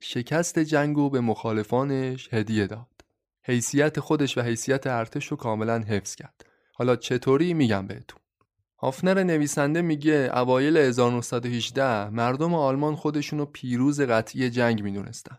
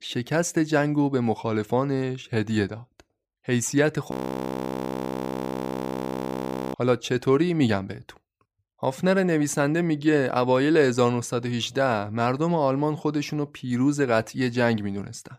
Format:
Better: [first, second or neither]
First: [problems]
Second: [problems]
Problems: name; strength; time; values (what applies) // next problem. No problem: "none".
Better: first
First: none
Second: audio freezing; at 4 s for 2.5 s